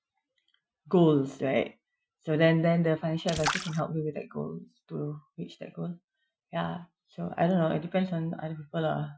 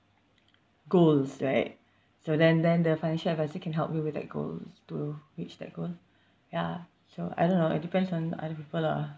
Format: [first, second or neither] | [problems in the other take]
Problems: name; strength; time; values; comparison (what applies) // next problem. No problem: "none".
second | noise reduction (classical method Wiener filter)